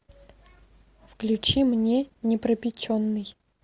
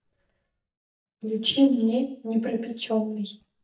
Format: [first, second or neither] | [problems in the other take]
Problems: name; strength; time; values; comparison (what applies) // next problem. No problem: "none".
first | noise reduction (neural mask model DeepFilterNet 3)